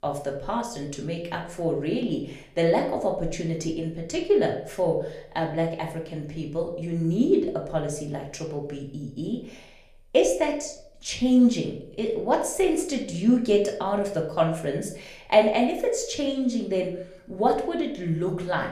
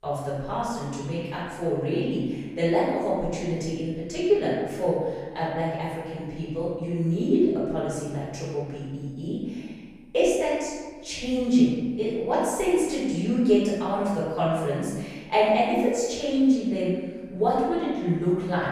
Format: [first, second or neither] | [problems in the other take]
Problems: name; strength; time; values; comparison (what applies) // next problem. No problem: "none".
first | room echo; strong; dies away in 1.3 s; slight in the first // off-mic speech; far; somewhat distant in the first